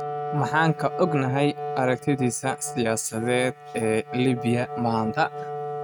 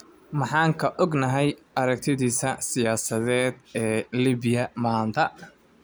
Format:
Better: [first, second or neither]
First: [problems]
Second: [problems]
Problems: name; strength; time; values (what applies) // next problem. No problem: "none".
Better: second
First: noise reduction (neural mask model RNNoise)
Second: none